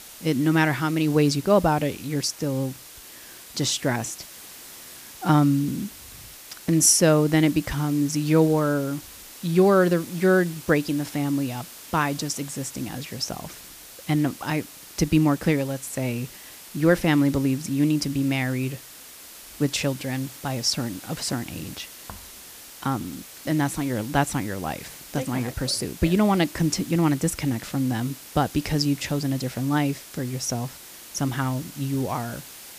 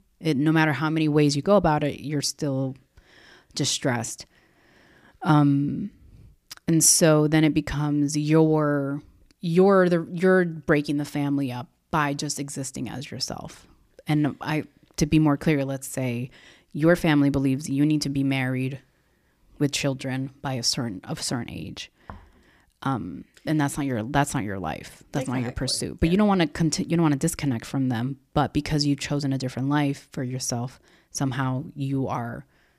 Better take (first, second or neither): second